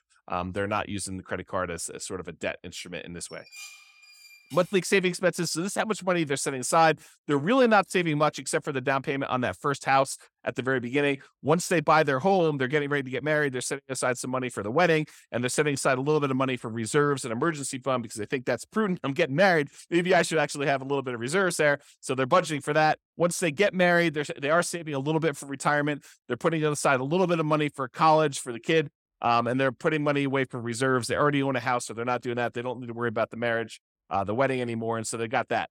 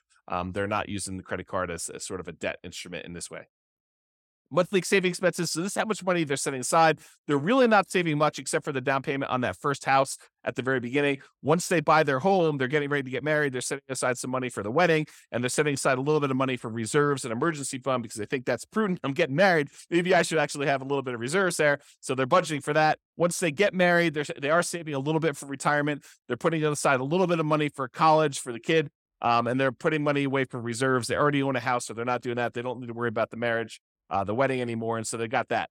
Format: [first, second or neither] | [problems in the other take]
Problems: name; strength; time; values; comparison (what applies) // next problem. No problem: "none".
second | clattering dishes; faint; from 3.5 to 4.5 s; peak 15 dB below the speech